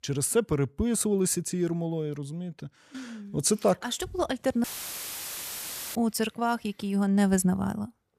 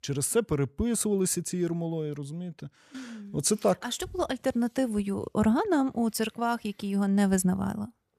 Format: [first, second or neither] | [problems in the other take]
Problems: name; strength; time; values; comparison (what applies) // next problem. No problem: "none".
second | audio cutting out; filled with static; at 4.5 s for 1.5 s